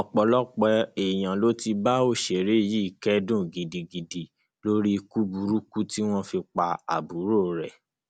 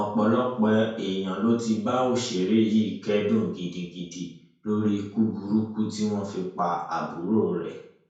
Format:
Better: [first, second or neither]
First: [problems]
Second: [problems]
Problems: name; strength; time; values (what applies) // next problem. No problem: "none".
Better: first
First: none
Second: room echo; dies away in 0.5 s